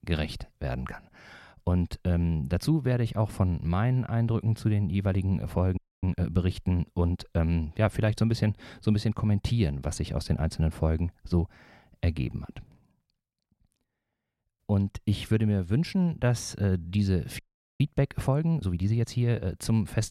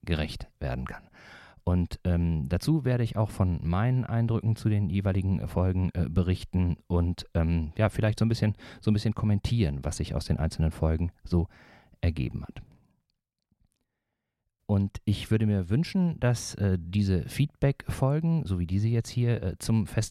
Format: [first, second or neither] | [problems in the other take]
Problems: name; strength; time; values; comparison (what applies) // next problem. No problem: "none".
second | audio freezing; at 6 s and at 17 s